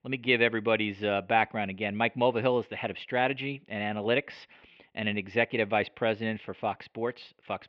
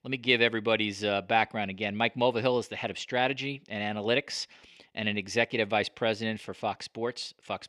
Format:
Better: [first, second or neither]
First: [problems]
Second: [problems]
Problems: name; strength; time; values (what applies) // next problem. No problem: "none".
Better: second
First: muffled; very; fading above 3 kHz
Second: none